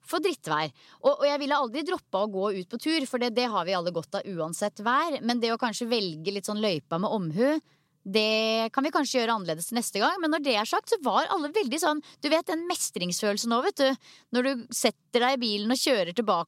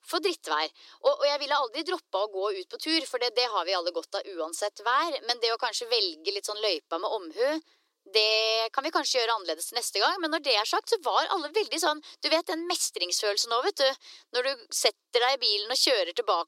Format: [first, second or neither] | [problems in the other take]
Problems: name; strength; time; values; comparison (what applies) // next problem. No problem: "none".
first | thin; very; fading below 350 Hz